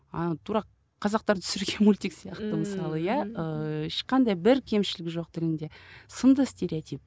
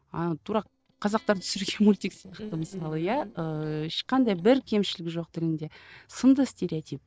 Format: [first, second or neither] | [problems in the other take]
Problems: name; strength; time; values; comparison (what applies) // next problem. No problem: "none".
first | noise reduction (neural separator model SepFormer DNS4)